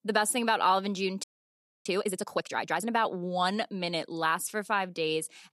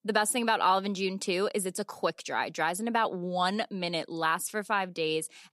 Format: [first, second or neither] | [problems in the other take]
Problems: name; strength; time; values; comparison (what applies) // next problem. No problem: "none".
second | audio freezing; at 1 s for 0.5 s